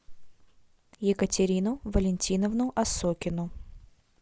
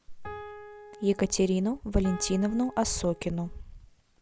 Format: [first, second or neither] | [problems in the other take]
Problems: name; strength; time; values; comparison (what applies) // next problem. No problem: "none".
first | background sound (Piano); 16 dB below the speech